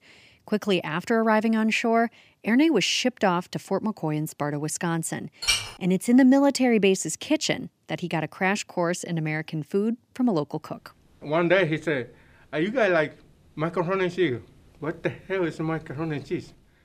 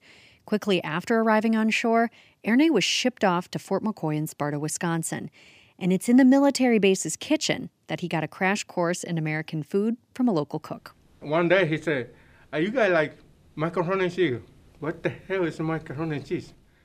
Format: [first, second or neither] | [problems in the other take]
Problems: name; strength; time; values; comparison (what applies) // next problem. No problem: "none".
second | clattering dishes; loud; at 5.5 s; peak 1 dB above the speech